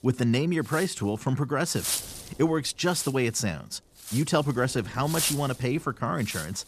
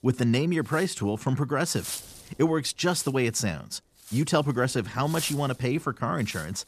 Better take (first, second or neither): second